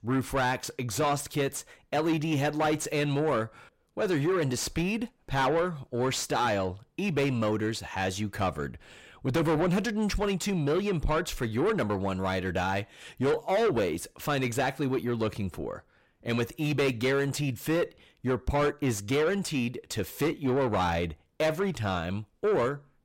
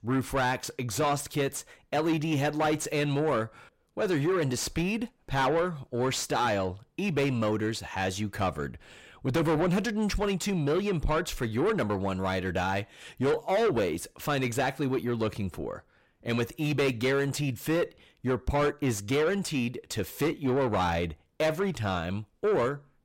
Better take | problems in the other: neither | distortion; heavy; 7 dB below the speech; the same in both

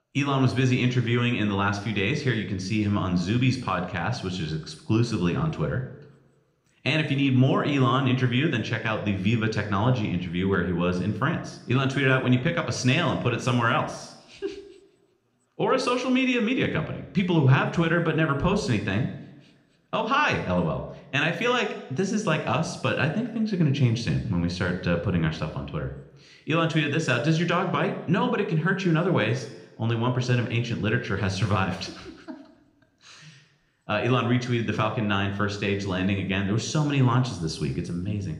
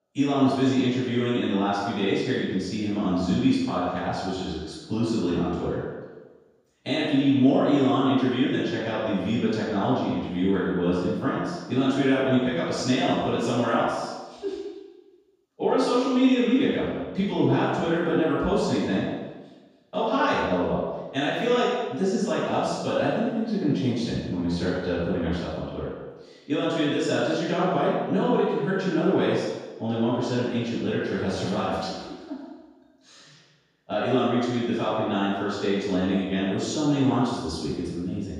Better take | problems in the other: first | room echo; strong; dies away in 1.1 s; slight in the first // off-mic speech; far

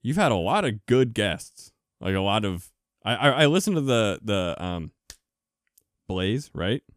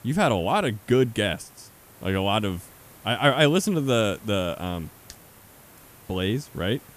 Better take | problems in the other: first | hiss; faint; throughout; 25 dB below the speech

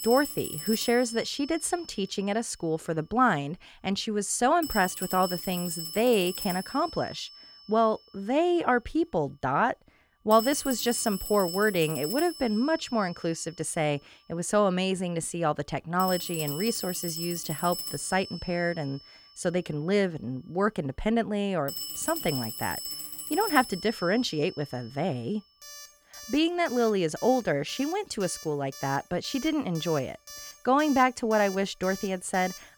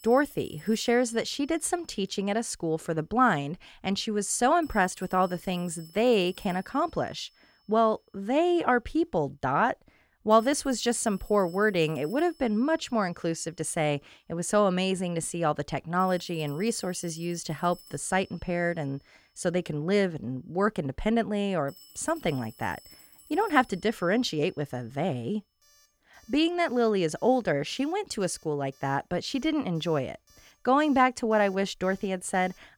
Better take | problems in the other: second | alarms or sirens; loud; throughout; 9 dB below the speech; faint in the second

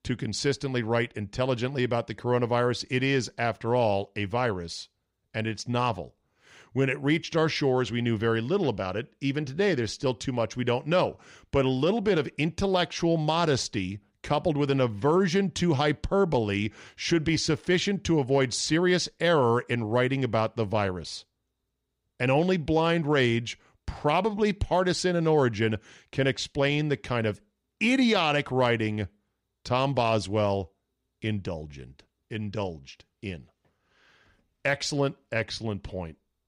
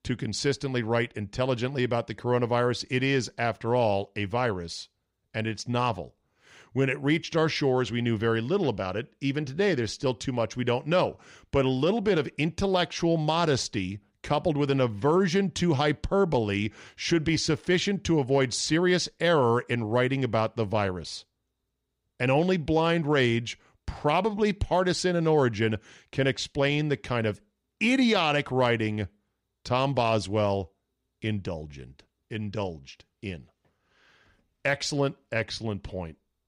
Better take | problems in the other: neither | none

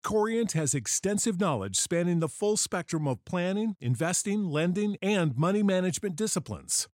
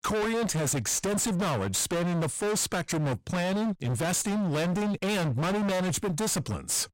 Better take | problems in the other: first | distortion; heavy; 50% of the sound clipped

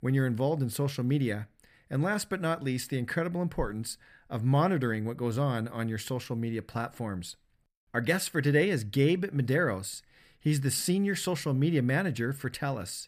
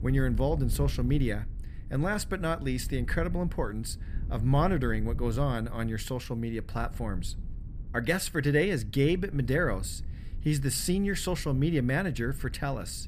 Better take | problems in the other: first | low rumble; faint; throughout; 20 dB below the speech

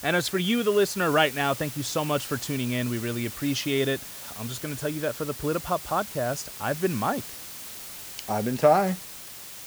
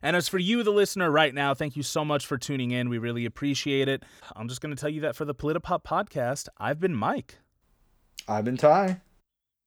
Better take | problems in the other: second | hiss; noticeable; throughout; 10 dB below the speech

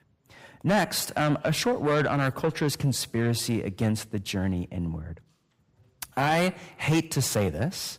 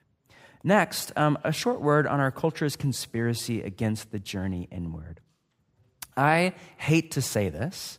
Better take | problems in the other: second | distortion; heavy; 7 dB below the speech

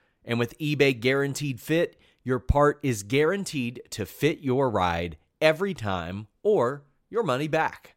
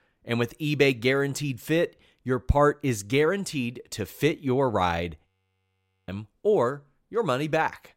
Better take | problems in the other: first | audio freezing; at 5.5 s for 1 s

